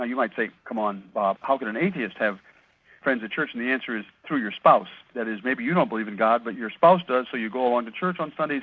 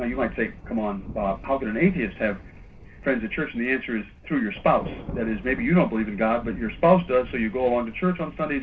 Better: first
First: none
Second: background sound (Thunder); 15 dB below the speech // room echo; dies away in 0.2 s

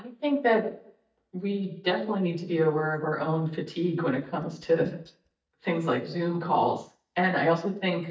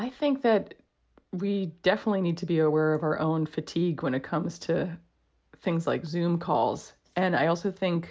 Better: second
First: noise reduction (neural mask model DeepFilterNet 3)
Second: none

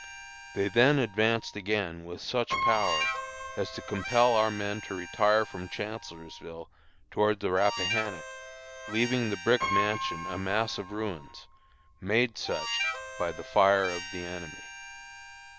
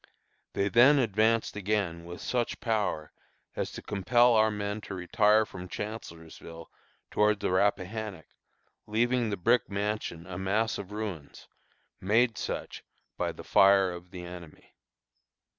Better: second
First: background sound (Harmonica + Piano); 7 dB below the speech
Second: none

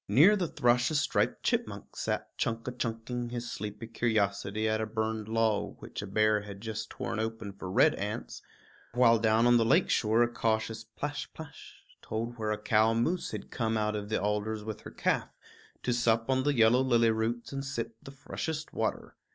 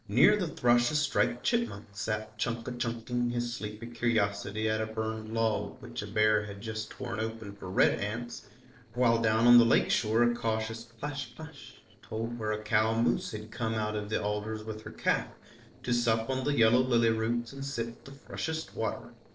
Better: first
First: none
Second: noise reduction (neural separator model SepFormer DNS4)

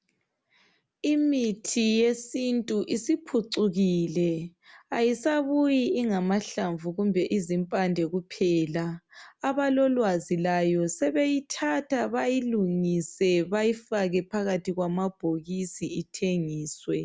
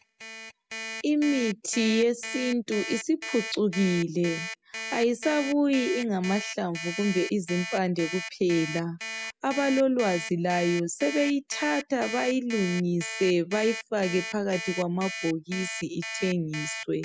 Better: first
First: none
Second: noise reduction (classical method spectral subtraction)

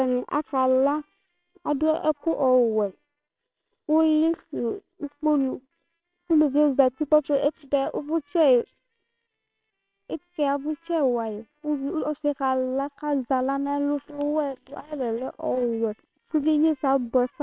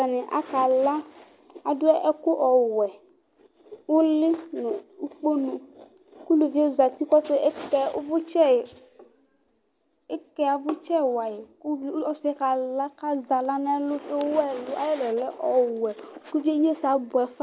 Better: second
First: noise reduction (neural separator model SepFormer WHAMR!)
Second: none

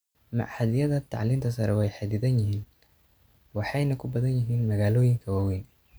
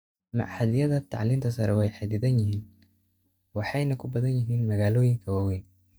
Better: first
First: none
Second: noise reduction (neural mask model DeepFilterNet 3)

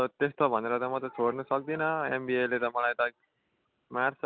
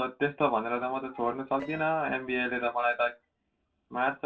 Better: first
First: none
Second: noise reduction (neural separator model SepFormer DNS4)

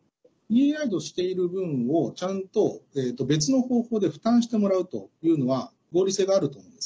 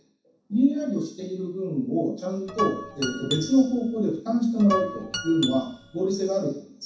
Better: first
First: none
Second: background sound (Guitar); 8 dB below the speech // room echo; dies away in 0.7 s

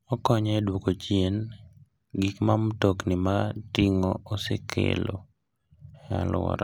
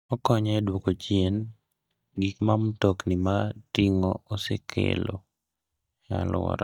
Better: first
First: none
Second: noise reduction (neural mask model DeepFilterNet 3)

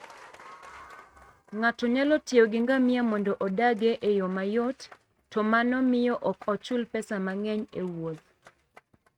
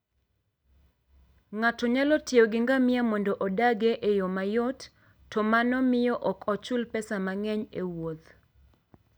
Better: second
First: noise reduction (neural mask model RNNoise)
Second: none

